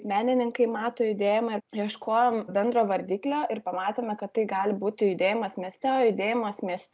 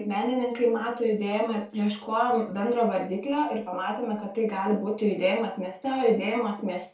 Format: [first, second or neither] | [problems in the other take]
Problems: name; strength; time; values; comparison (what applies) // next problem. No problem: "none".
first | room echo; dies away in 0.3 s